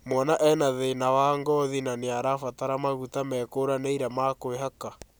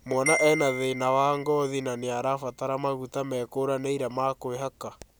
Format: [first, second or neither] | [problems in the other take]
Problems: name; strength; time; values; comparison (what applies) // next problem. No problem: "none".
first | background sound (Marimba, xylophone); 9 dB below the speech